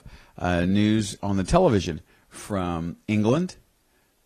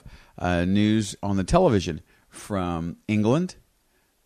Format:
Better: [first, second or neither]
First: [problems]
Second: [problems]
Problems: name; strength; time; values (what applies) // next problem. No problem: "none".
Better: second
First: garbled, watery; slightly; nothing above 14 kHz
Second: none